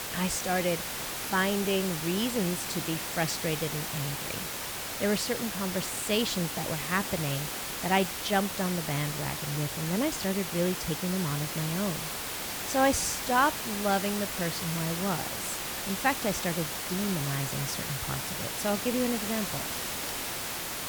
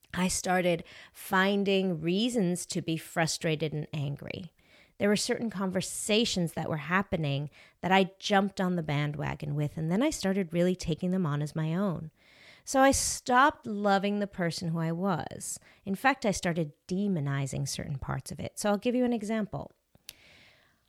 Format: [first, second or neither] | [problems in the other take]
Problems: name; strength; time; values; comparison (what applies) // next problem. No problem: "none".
second | hiss; loud; throughout; 2 dB below the speech